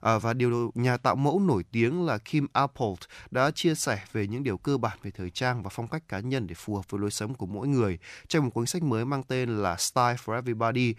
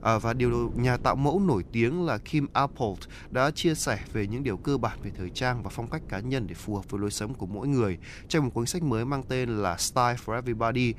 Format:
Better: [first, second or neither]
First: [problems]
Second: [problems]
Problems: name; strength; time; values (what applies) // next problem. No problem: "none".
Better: first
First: none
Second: wind noise on the microphone; occasional gusts; 25 dB below the speech